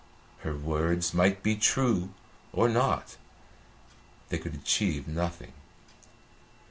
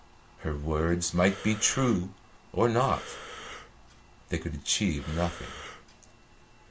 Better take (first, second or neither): first